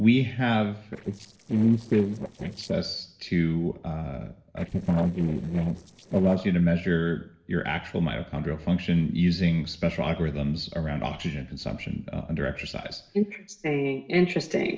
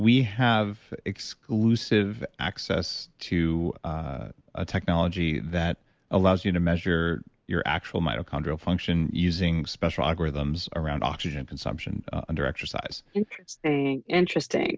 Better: second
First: noise reduction (neural separator model SepFormer DNS4)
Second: none

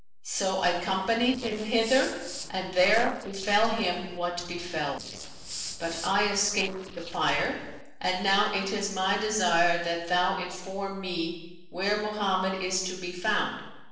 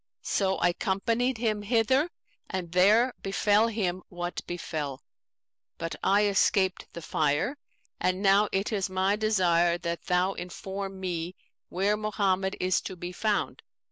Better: second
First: noise reduction (neural separator model SepFormer DNS4)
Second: none

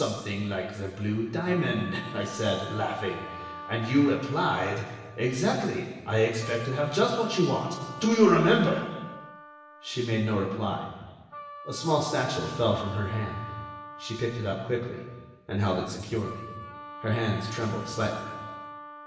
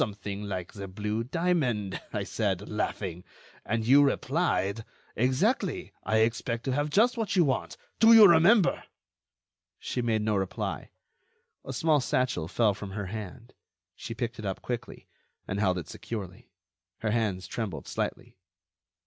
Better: second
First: background sound (Wind instrument, woodwind instrument); 15 dB below the speech // room echo; dies away in 1.2 s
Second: none

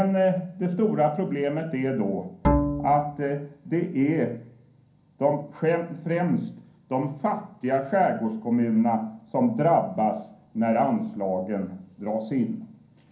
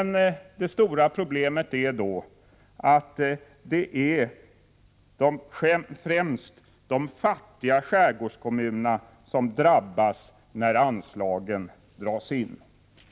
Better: second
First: background sound (Bowed string instrument); 1 dB below the speech // room echo; dies away in 0.6 s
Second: none

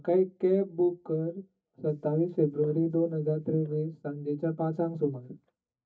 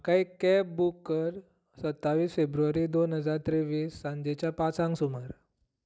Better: second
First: noise reduction (neural mask model DeepFilterNet 3)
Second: none

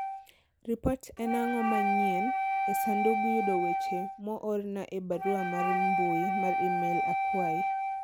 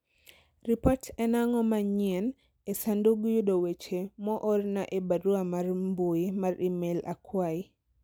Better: second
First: background sound (Wind instrument, woodwind instrument); 2 dB above the speech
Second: none

